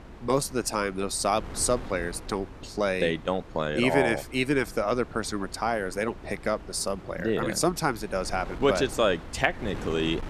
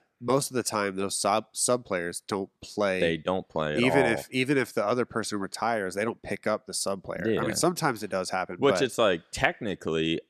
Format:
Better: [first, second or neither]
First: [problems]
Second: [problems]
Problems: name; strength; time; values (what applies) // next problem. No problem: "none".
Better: second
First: wind noise on the microphone; occasional gusts; 20 dB below the speech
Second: none